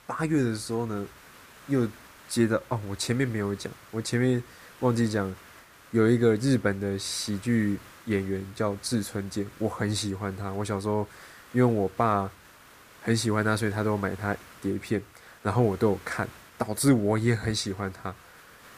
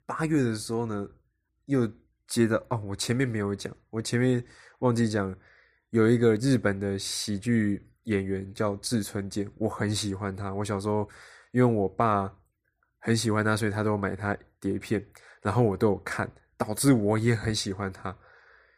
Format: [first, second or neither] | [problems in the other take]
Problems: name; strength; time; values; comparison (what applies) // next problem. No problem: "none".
second | hiss; faint; throughout; 20 dB below the speech